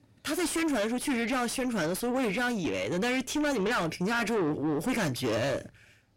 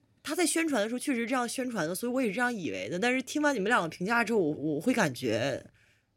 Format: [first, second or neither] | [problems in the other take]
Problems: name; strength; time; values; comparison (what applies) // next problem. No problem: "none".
second | distortion; heavy; 5 dB below the speech